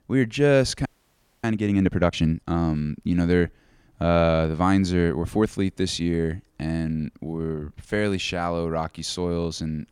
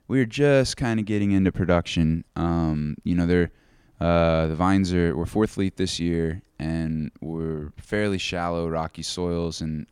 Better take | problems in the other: second | audio freezing; at 1 s for 0.5 s

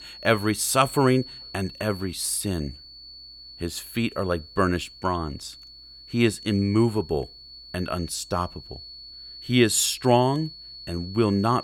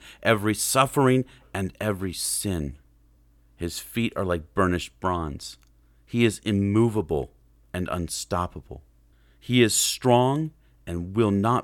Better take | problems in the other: second | high-pitched whine; noticeable; throughout; 4.5 kHz, 15 dB below the speech

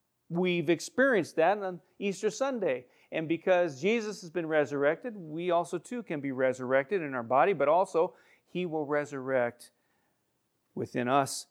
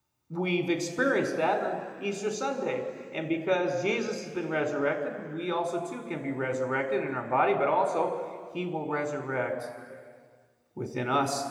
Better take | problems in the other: first | room echo; slight; dies away in 1.9 s

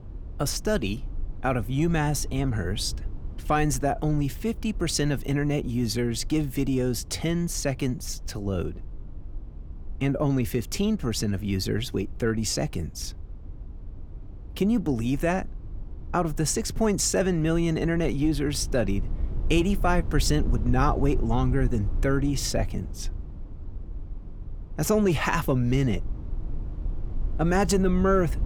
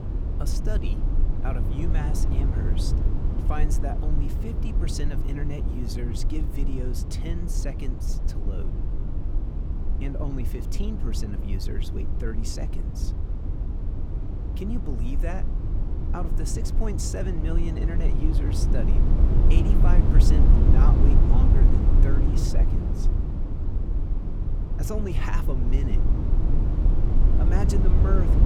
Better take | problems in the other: first | low rumble; loud; throughout; 1 dB below the speech; faint in the first

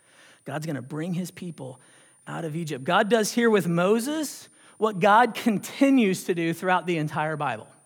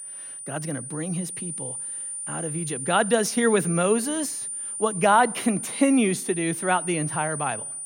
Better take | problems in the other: first | high-pitched whine; loud; throughout; 9 kHz, 6 dB below the speech; faint in the first

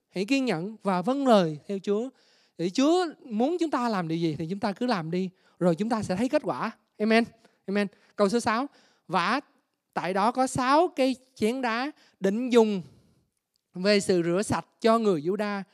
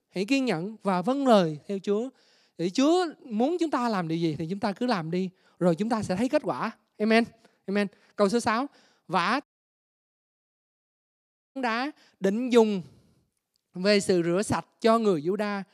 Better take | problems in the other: first | audio cutting out; at 9.5 s for 2 s

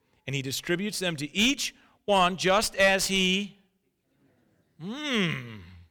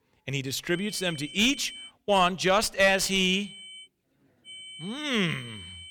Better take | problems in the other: first | high-pitched whine; noticeable; from 0.5 to 2 s, at 3 s and from 4.5 s on; 3 kHz, 15 dB below the speech

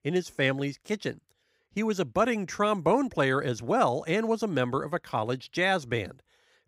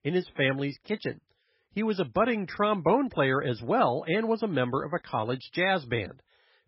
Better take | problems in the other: first | garbled, watery; badly; nothing above 5.5 kHz

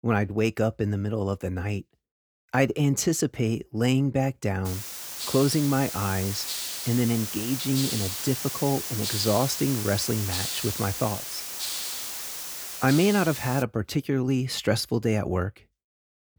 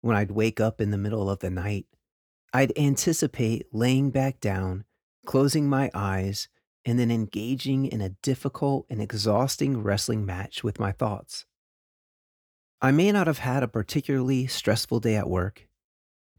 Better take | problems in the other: second | hiss; loud; from 4.5 to 14 s; 4 dB below the speech

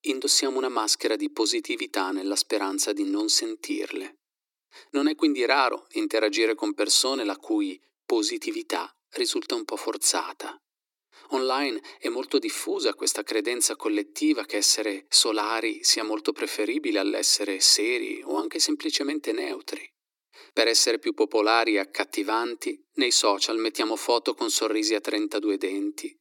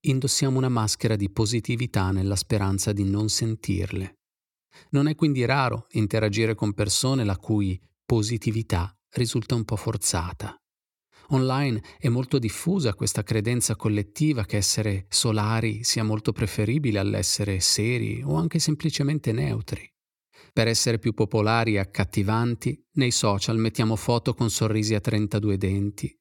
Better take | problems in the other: second | thin; somewhat; fading below 300 Hz

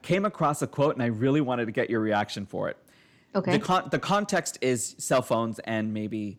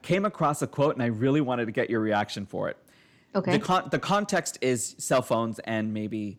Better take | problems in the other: neither | none

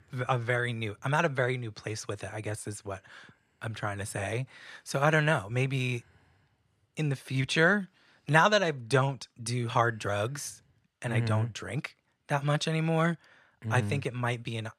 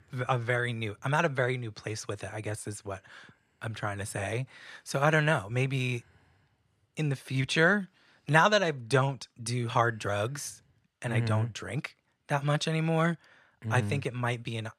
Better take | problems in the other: neither | none

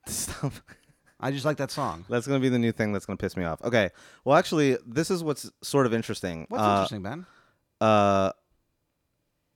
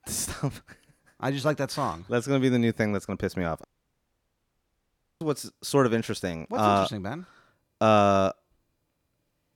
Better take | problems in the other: first | audio cutting out; at 3.5 s for 1.5 s

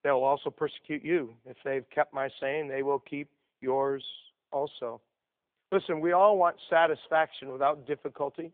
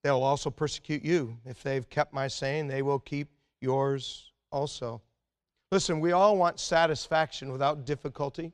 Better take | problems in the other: second | phone-call audio

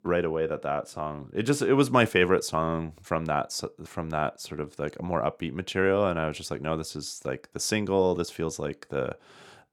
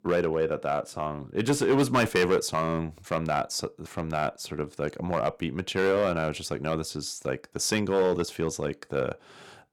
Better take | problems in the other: first | distortion; slight; 3% of the sound clipped

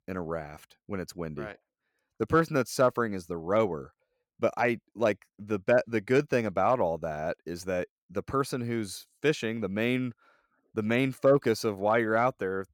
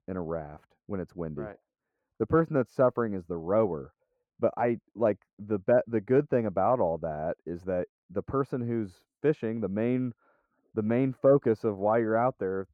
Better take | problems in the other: first | muffled; very; fading above 2 kHz

